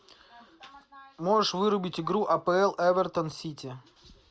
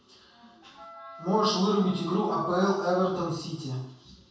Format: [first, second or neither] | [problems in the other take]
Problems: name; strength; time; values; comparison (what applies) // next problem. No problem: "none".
first | background sound (Wind instrument, woodwind instrument); 20 dB below the speech // room echo; dies away in 0.6 s